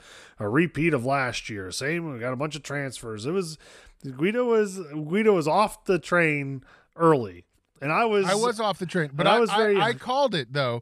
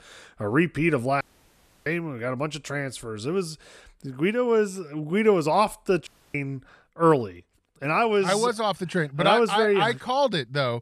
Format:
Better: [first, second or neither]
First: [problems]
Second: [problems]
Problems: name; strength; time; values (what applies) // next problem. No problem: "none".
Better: first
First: none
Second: audio cutting out; at 1 s for 0.5 s and at 6 s